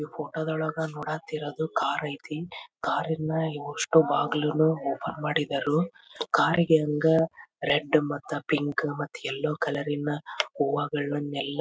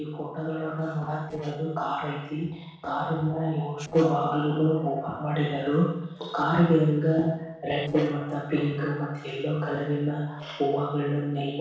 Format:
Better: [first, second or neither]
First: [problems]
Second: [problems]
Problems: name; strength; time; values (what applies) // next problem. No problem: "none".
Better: first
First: none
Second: noise reduction (neural separator model SepFormer DNS4)